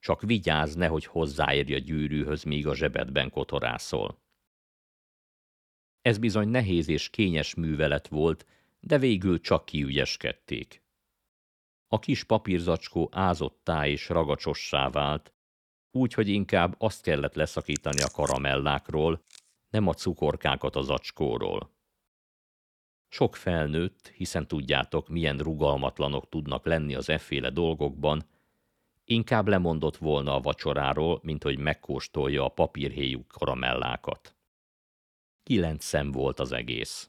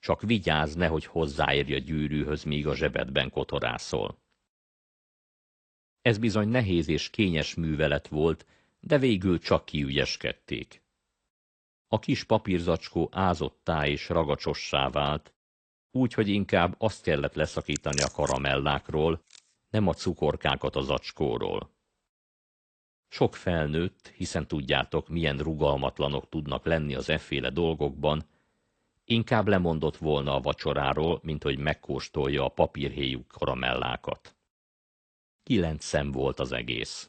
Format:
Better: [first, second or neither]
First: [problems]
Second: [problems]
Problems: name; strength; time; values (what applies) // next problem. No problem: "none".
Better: first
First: none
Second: garbled, watery; slightly; nothing above 8.5 kHz